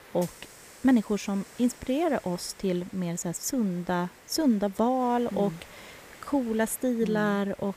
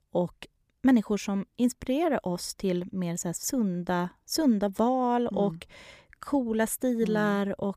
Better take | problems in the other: second | hiss; faint; throughout; 20 dB below the speech

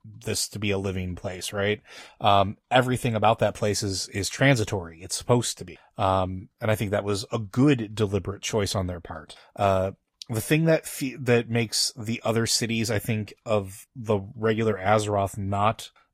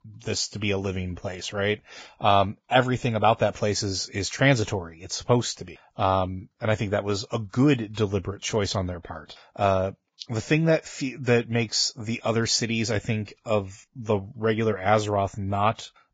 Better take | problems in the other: first | garbled, watery; badly; nothing above 7.5 kHz; slightly in the first

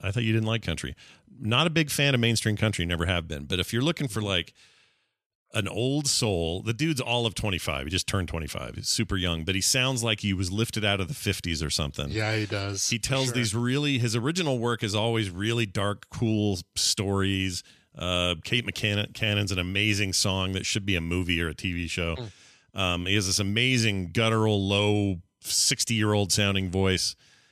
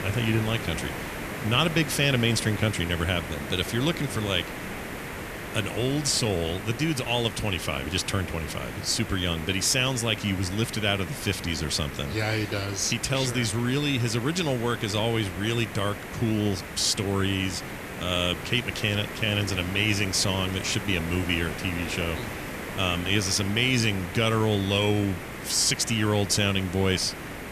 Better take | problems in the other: first | hiss; loud; throughout; 10 dB below the speech

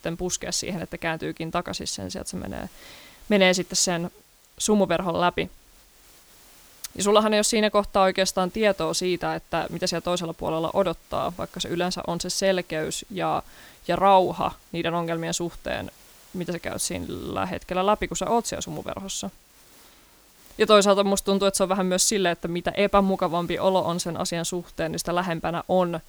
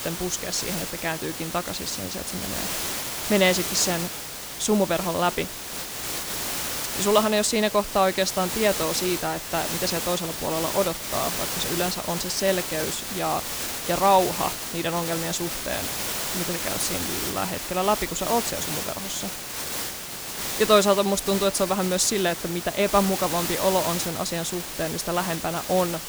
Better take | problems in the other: first | hiss; loud; throughout; 4 dB below the speech; faint in the first

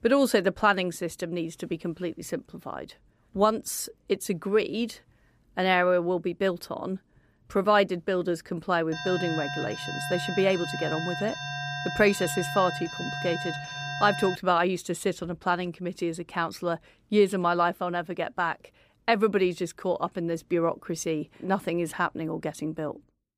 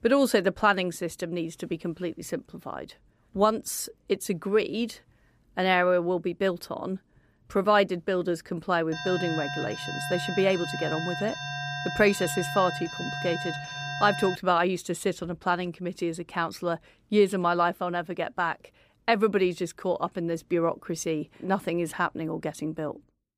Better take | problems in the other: neither | alarm; noticeable; from 9 to 14 s; peak 4 dB below the speech; the same in both

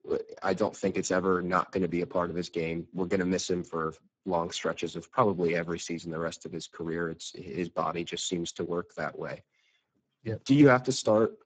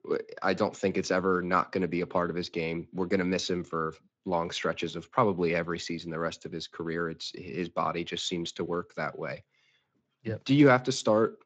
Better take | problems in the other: second | garbled, watery; badly; nothing above 7.5 kHz; slightly in the second

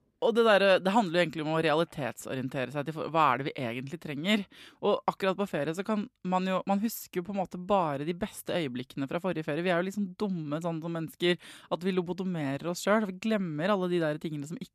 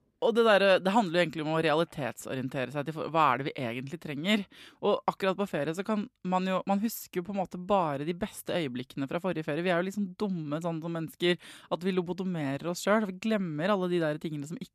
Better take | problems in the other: neither | none

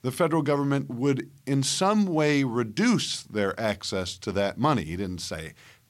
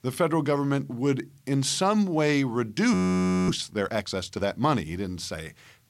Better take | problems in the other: first | audio freezing; at 3 s for 0.5 s

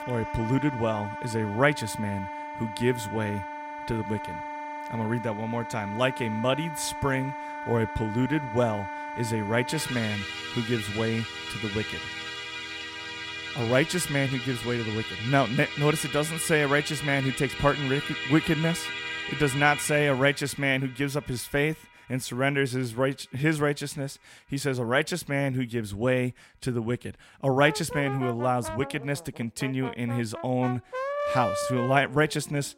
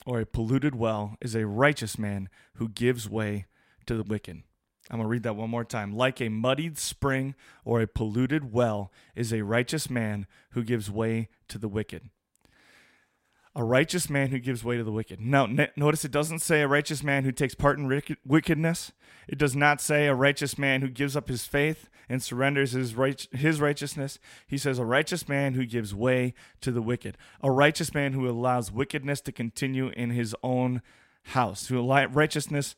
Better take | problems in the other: second | background music; loud; throughout; 7 dB below the speech

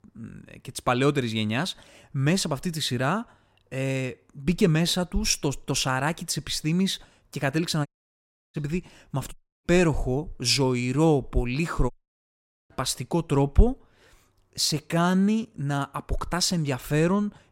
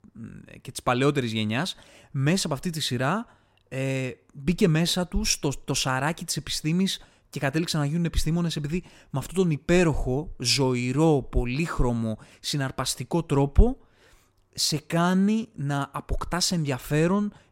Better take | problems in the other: second | audio cutting out; at 8 s for 0.5 s, at 9.5 s and at 12 s for 1 s

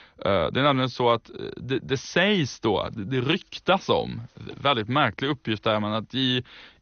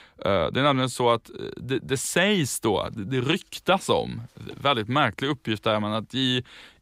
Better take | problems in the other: second | garbled, watery; slightly; nothing above 6.5 kHz

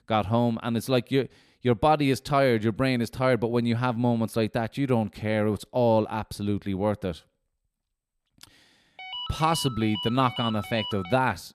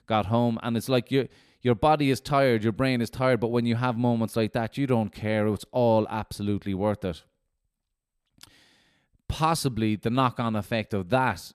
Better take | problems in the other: second | phone ringing; noticeable; from 9 s on; peak 8 dB below the speech

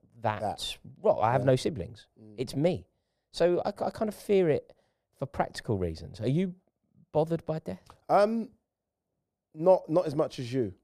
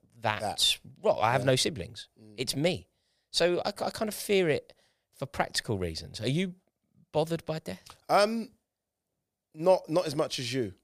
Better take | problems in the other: second | muffled; slightly; fading above 1.5 kHz

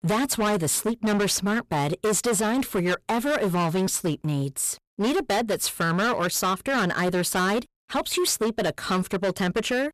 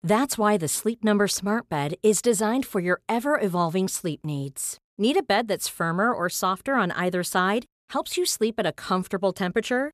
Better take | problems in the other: second | distortion; heavy; 22% of the sound clipped

